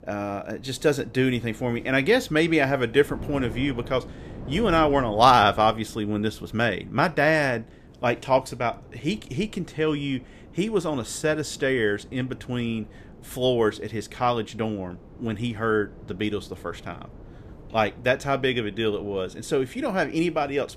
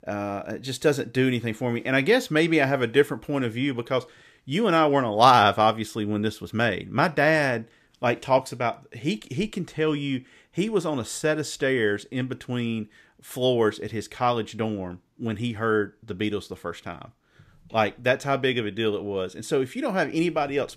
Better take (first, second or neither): second